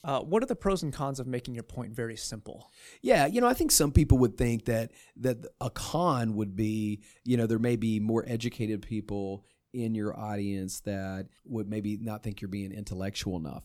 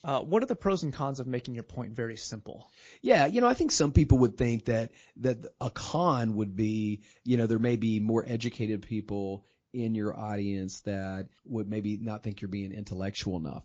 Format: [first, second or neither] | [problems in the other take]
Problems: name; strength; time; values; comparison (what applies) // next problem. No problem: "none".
first | garbled, watery; slightly; nothing above 7 kHz